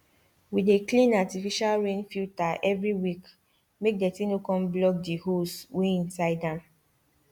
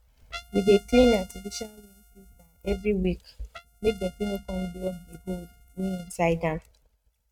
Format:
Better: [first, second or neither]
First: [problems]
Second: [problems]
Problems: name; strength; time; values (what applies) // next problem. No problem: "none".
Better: first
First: none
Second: noise reduction (neural mask model RNNoise)